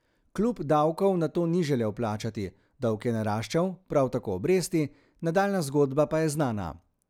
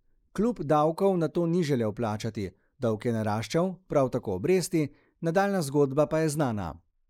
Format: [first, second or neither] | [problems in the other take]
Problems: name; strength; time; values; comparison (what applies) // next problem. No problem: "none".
first | noise reduction (neural mask model Resemble Enhance denoiser)